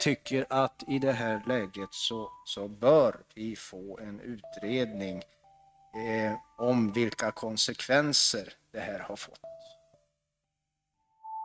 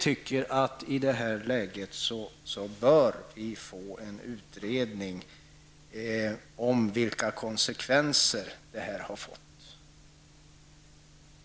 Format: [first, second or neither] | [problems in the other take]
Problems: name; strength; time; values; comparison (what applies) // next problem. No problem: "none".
second | noise reduction (neural mask model RNNoise)